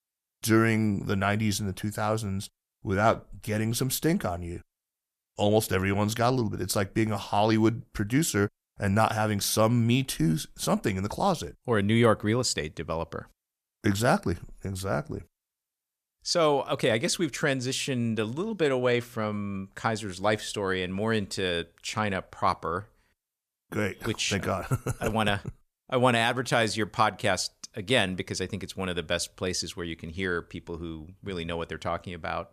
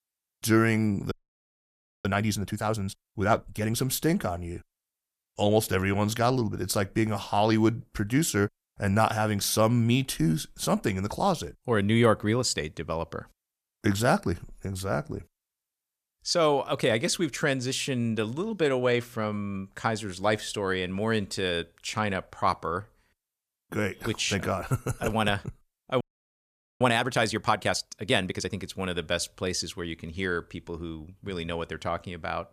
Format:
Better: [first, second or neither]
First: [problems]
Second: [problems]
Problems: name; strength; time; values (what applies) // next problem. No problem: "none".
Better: first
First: none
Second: audio freezing; at 1 s for 1 s and at 26 s for 1 s